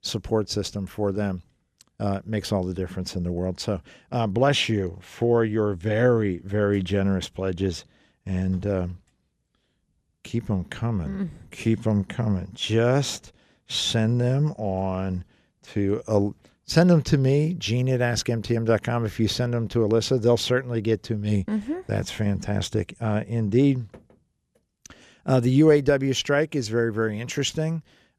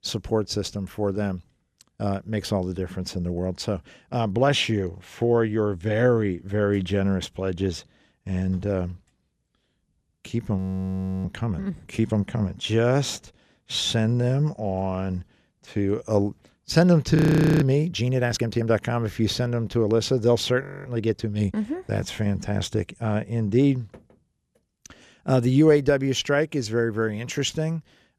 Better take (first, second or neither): first